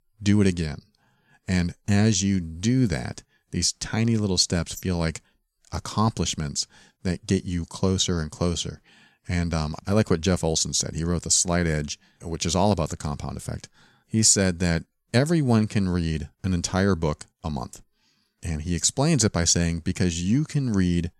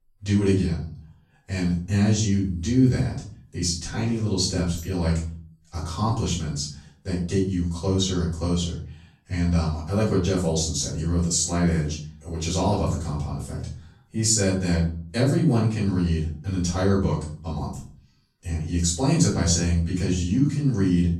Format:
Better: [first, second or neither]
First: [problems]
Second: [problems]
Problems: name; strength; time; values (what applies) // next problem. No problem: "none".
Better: first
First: none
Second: room echo; noticeable; dies away in 0.5 s // off-mic speech; far